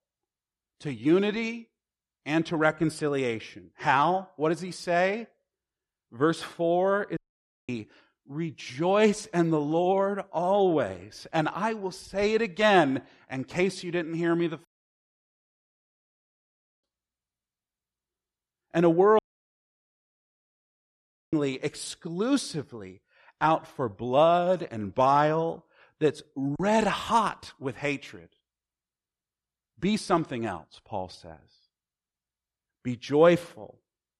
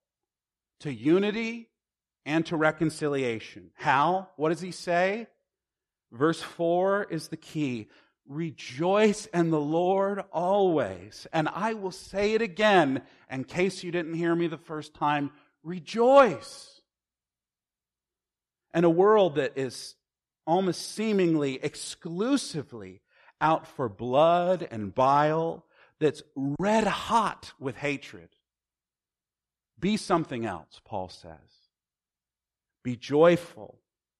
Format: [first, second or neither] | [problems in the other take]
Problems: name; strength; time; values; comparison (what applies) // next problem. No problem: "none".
second | audio cutting out; at 7 s for 0.5 s, at 15 s for 2 s and at 19 s for 2 s